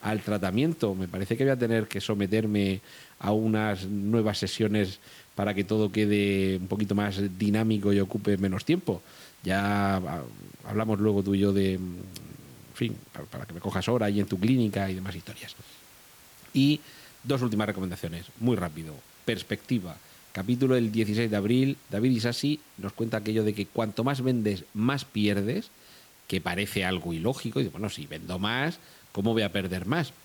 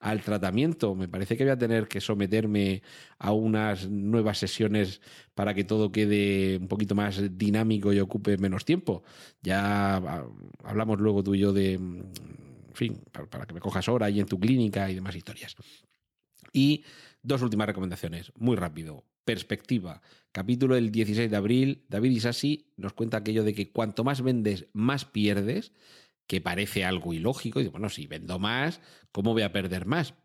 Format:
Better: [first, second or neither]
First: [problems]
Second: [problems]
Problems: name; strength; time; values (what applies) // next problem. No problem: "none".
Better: second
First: hiss; faint; throughout; 25 dB below the speech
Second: none